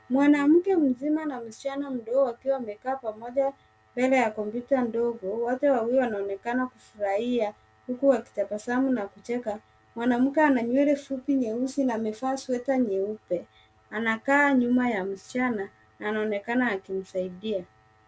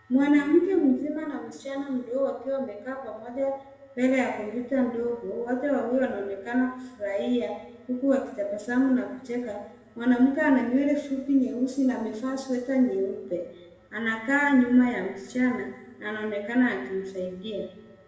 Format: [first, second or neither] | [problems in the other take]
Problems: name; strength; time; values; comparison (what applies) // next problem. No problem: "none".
first | room echo; dies away in 1 s